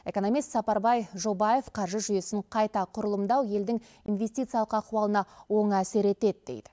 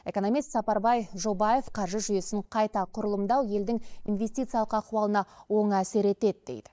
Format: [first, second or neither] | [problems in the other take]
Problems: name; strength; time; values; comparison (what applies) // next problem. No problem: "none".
first | noise reduction (neural mask model Resemble Enhance denoiser)